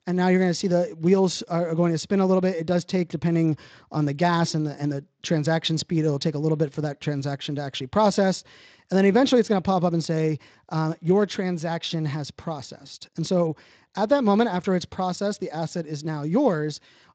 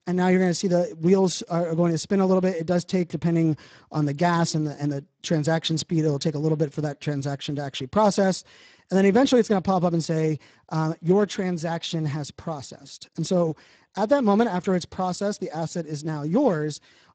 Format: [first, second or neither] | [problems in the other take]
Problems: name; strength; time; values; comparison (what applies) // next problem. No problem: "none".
first | garbled, watery; badly; nothing above 8 kHz; slightly in the first